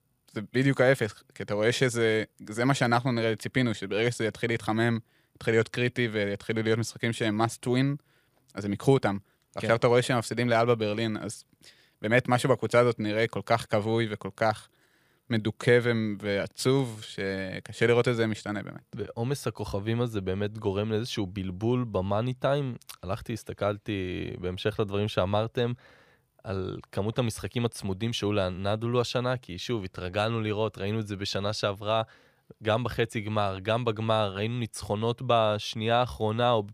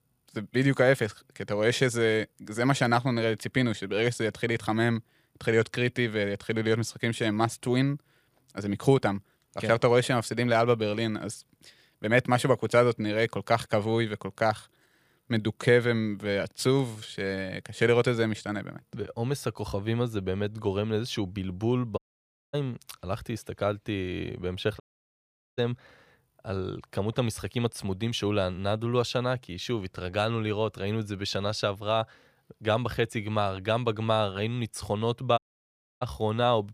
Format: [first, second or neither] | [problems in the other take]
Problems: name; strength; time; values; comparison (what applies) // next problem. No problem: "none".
first | audio cutting out; at 22 s for 0.5 s, at 25 s for 1 s and at 35 s for 0.5 s